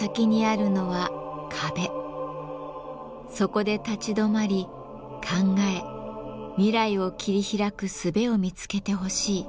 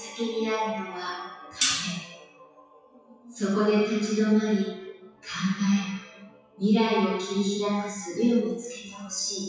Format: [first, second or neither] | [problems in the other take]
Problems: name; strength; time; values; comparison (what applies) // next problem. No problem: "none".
first | noise reduction (classical method WPE with log-MMSE)